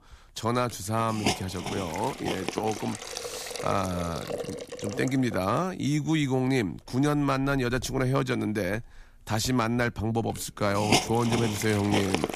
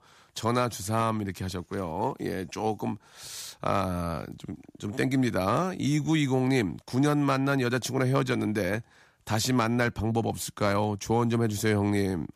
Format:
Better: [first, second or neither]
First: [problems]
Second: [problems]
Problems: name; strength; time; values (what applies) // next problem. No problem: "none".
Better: second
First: hiss; loud; throughout; 4 dB below the speech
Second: none